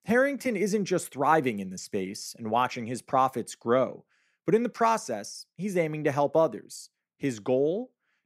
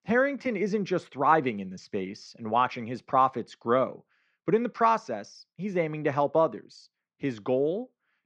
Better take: first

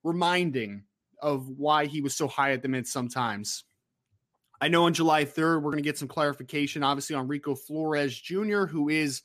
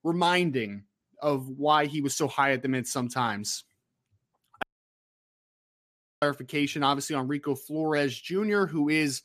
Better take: first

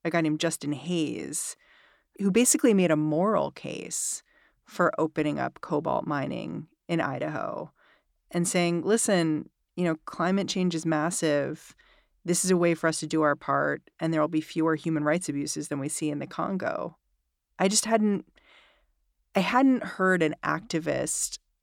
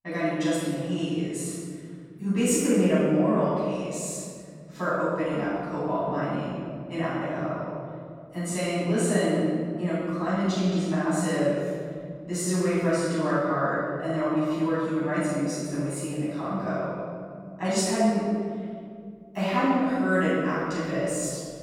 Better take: first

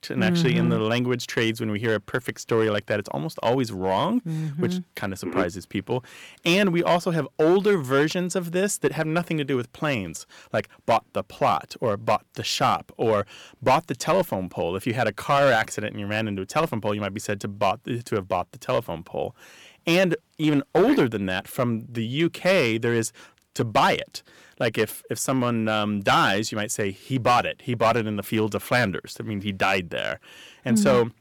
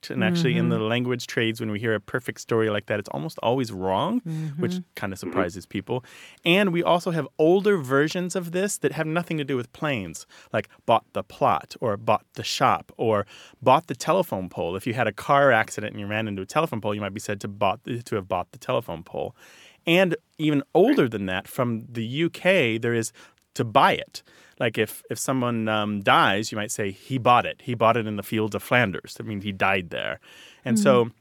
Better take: second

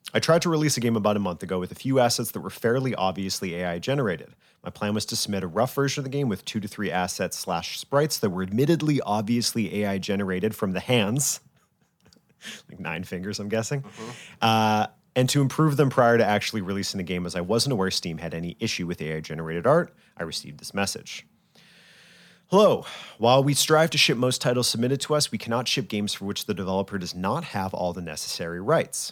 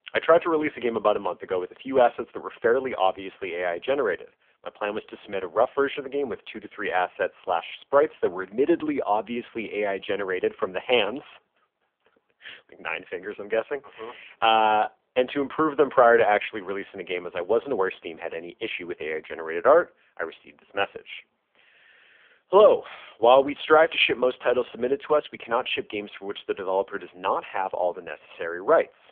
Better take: first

